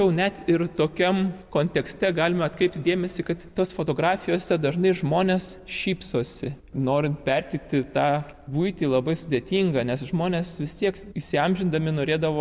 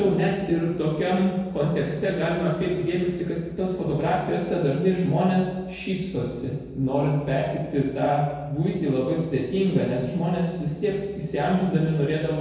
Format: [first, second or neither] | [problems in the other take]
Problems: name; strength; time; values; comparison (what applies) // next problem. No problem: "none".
first | room echo; dies away in 1.2 s